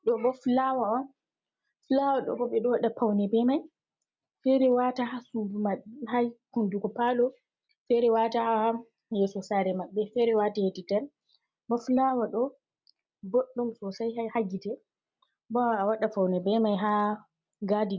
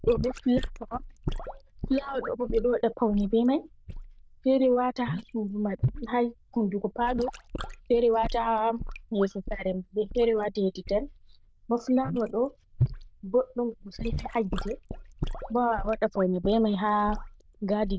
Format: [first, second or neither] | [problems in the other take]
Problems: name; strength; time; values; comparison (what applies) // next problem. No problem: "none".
first | noise reduction (neural diffusion model UNIVERSE++)